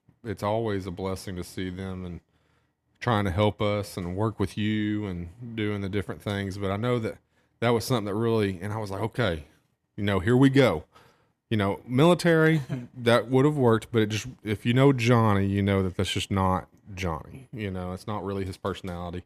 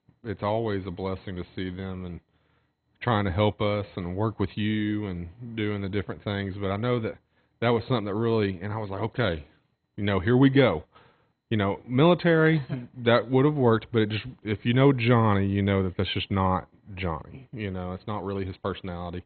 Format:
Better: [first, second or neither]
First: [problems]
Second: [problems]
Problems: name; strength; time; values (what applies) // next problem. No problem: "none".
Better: first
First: none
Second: garbled, watery; badly; nothing above 4 kHz